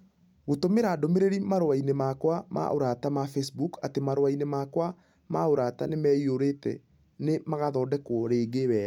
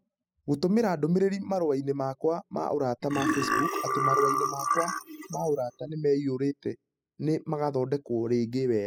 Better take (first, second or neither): first